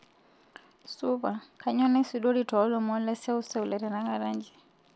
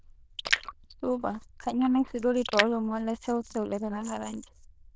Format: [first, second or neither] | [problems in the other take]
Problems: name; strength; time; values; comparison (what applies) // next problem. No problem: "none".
first | noise reduction (neural diffusion model UNIVERSE++)